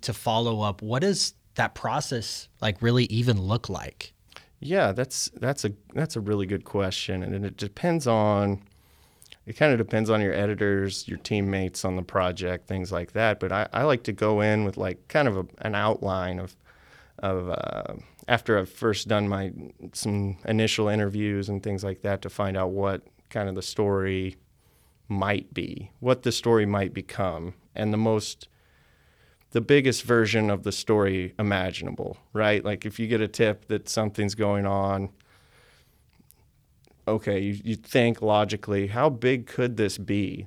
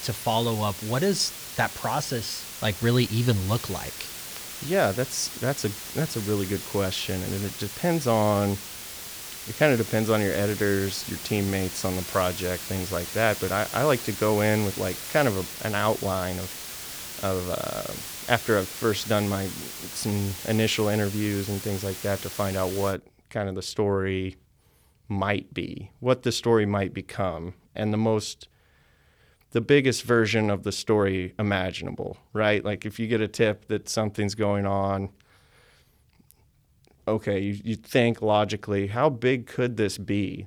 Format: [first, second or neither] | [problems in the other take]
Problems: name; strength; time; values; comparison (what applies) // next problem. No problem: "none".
first | hiss; loud; until 23 s; 8 dB below the speech